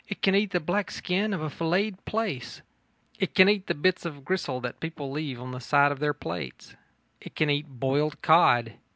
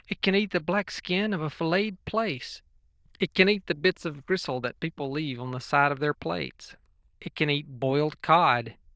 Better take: first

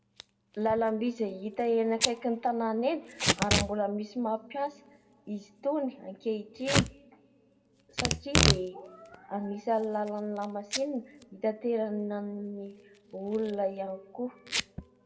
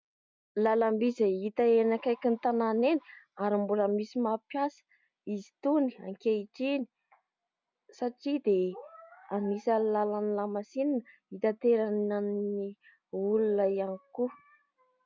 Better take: second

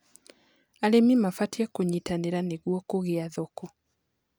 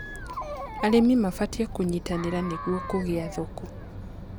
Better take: first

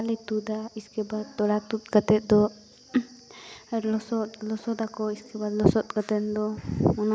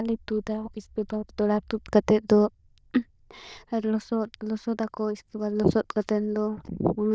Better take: first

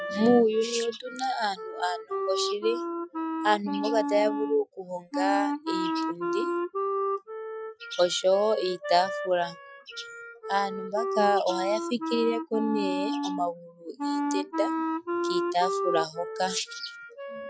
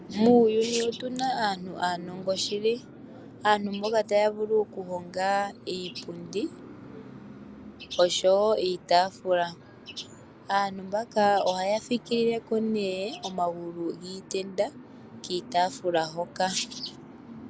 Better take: second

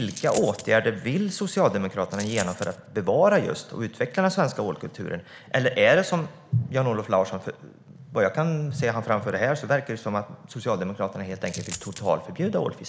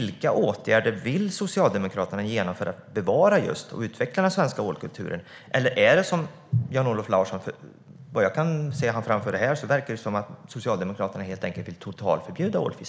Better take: second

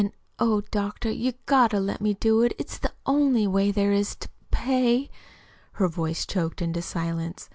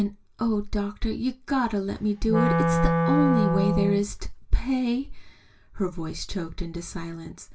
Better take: first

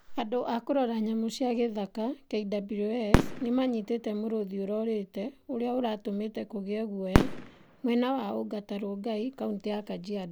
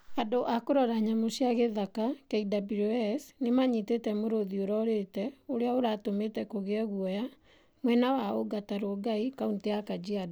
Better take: second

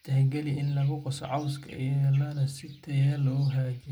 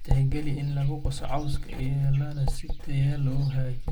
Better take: first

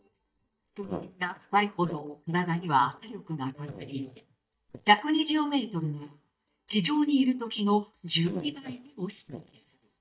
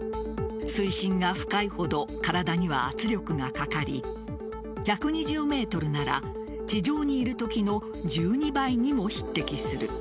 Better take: second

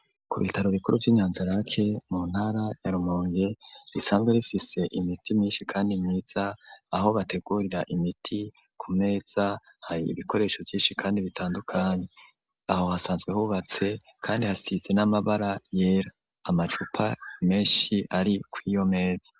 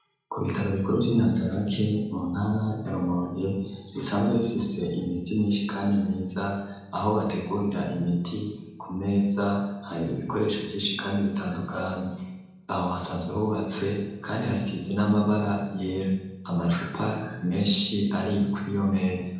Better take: first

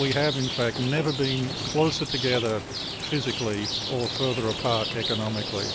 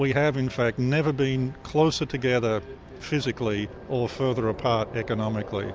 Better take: second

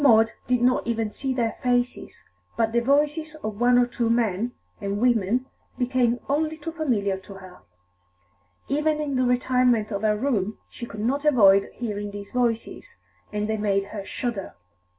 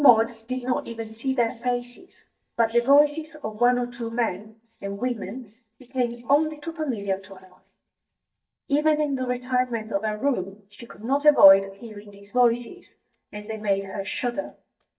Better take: first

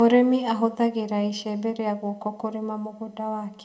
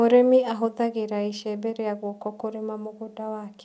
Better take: second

